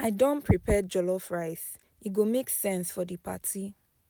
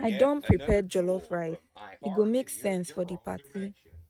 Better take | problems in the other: first | noise reduction (neural mask model RNNoise)

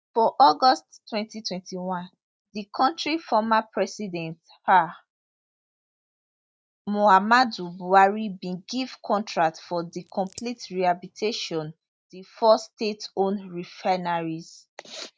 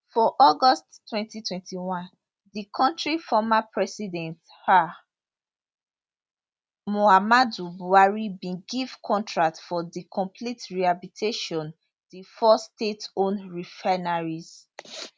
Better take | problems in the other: second | noise reduction (neural mask model DeepFilterNet 3)

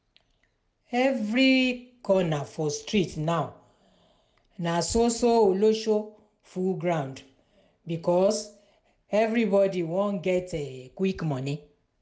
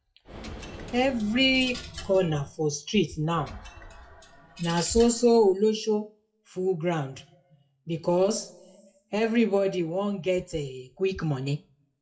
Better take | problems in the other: first | noise reduction (classical method WPE with log-MMSE)

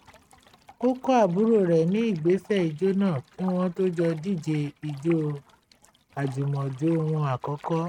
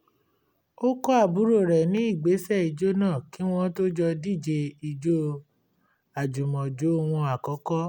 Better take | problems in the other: second | noise reduction (neural mask model RNNoise)

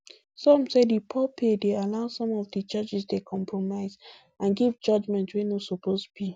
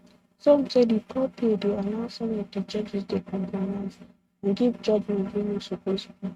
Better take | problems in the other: first | noise reduction (neural mask model RNNoise)

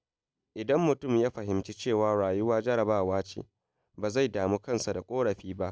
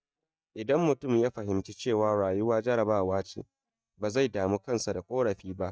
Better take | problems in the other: first | noise reduction (neural mask model DeepFilterNet 3)

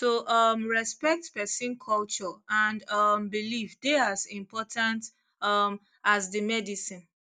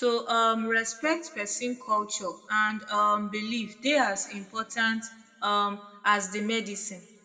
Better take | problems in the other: first | room echo; dies away in 1.2 s

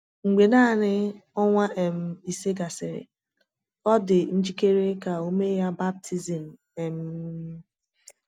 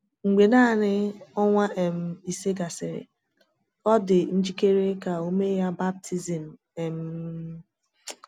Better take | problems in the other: second | noise reduction (neural mask model DeepFilterNet 3)

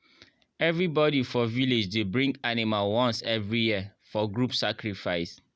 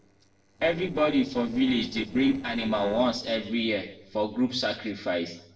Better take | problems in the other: first | noise reduction (neural separator model SepFormer DNS4)

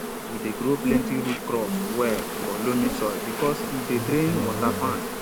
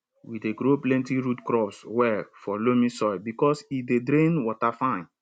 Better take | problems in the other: second | background sound (Insect); 1 dB below the speech

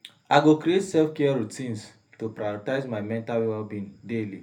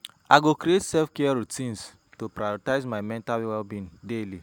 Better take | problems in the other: second | room echo; dies away in 0.3 s

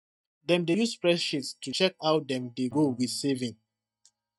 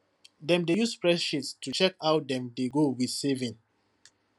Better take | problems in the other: second | noise reduction (neural mask model DeepFilterNet 3)

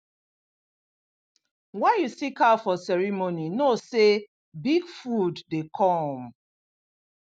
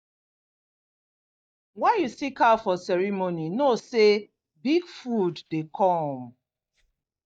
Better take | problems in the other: first | noise reduction (neural mask model DeepFilterNet 3)

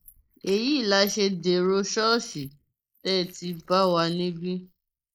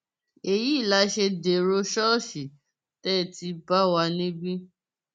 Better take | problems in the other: second | noise reduction (neural mask model Resemble Enhance denoiser)

